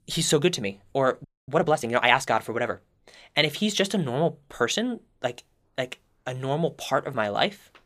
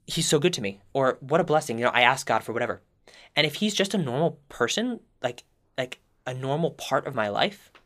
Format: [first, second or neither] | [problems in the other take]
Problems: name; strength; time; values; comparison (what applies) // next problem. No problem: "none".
second | audio freezing; at 1 s